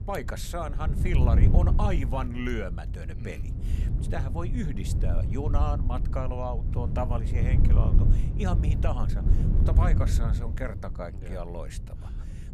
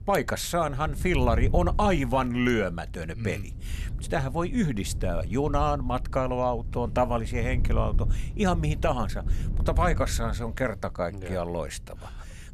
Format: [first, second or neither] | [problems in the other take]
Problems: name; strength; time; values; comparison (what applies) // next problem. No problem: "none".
second | wind noise on the microphone; heavy; 6 dB below the speech; occasional gusts in the second